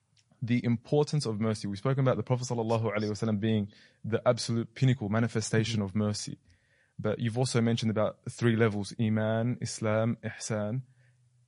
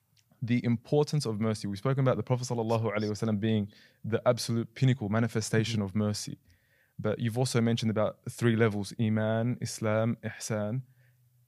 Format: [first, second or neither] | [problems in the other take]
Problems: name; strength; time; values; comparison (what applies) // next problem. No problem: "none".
second | garbled, watery; slightly; nothing above 10.5 kHz